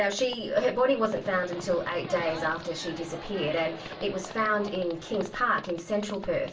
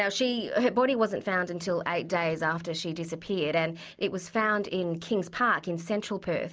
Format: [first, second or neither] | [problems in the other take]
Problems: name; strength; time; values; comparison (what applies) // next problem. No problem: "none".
second | background sound (Livestock, farm animals, working animals); 14 dB below the speech // room echo; dies away in 0.3 s